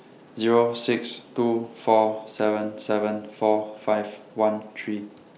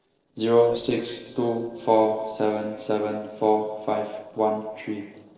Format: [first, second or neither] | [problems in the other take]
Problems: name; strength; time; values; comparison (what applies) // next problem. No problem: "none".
first | noise reduction (neural separator model SepFormer DNS4)